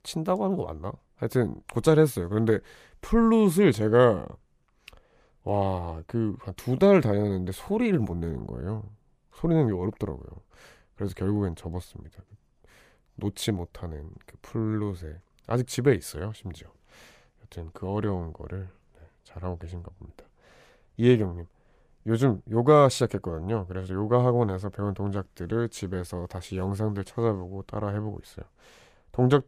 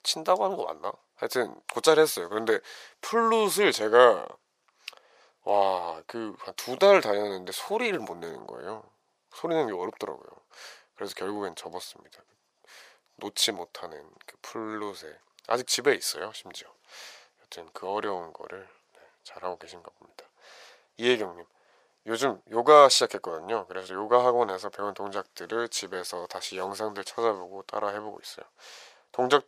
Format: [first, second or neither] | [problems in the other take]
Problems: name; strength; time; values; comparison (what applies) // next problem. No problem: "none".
first | thin; very; fading below 650 Hz